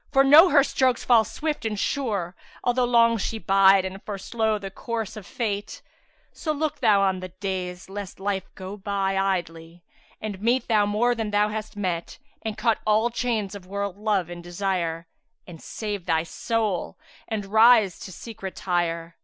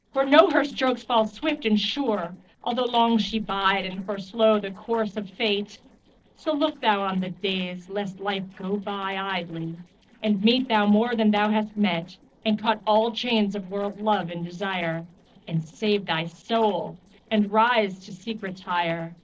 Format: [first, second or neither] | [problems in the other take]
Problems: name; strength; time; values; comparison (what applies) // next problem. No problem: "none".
first | noise reduction (neural separator model SepFormer DNS4)